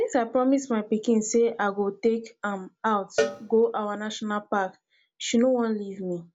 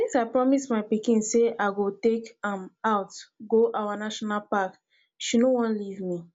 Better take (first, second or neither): second